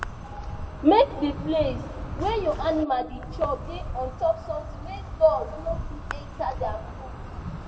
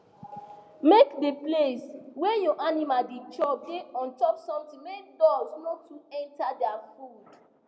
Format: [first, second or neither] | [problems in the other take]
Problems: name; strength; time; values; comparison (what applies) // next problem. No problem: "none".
second | background sound (Insect); 8 dB below the speech // room echo; dies away in 1.2 s